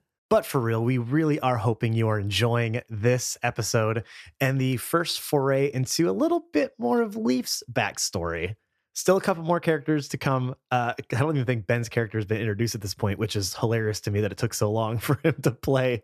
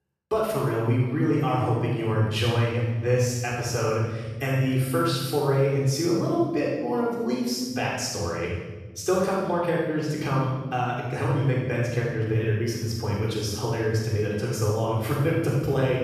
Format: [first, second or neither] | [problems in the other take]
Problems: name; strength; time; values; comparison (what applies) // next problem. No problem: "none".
first | off-mic speech; far // room echo; strong; dies away in 1.3 s